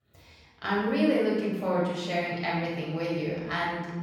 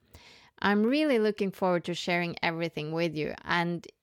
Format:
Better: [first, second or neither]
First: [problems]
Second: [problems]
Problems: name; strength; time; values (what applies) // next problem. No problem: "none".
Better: second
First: off-mic speech; far // room echo; strong; dies away in 1.2 s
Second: none